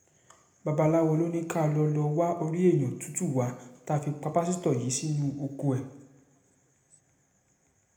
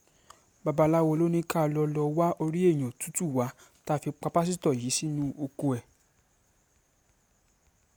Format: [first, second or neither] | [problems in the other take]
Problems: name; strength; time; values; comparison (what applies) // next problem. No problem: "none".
second | room echo; dies away in 0.8 s